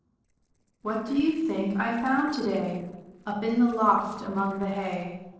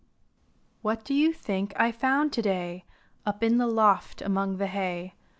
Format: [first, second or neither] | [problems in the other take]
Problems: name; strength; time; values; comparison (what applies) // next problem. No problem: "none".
second | noise reduction (neural separator model SepFormer DNS4)